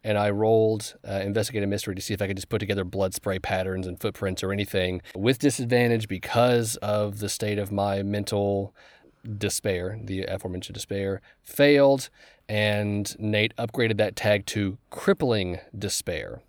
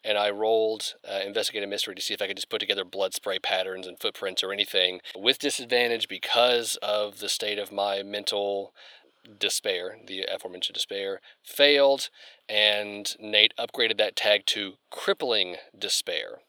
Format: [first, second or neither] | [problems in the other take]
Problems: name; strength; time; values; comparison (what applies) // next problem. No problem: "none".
first | thin; somewhat; fading below 500 Hz